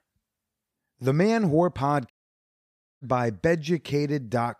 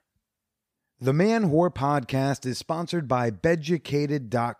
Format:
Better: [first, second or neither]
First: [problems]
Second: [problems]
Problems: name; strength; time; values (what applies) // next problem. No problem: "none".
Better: second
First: audio cutting out; at 2 s for 1 s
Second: none